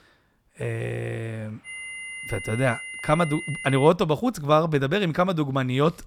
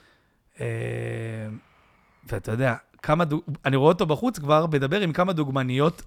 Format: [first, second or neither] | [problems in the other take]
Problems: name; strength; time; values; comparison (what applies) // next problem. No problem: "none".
second | high-pitched whine; loud; from 1.5 to 4 s; 2 kHz, 10 dB below the speech